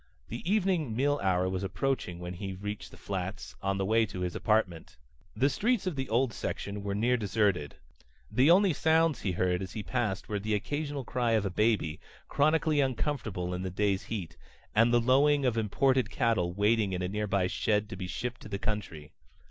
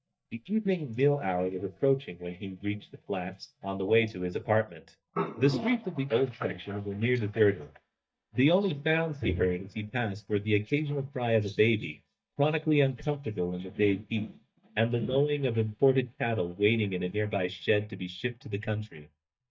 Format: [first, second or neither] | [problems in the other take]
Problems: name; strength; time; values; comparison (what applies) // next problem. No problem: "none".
first | noise reduction (neural mask model DeepFilterNet 3)